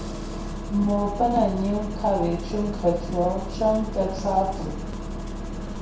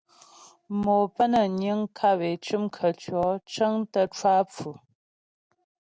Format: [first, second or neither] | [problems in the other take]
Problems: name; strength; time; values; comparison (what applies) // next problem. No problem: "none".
second | background sound (Engine starting); 6 dB below the speech // room echo; dies away in 0.6 s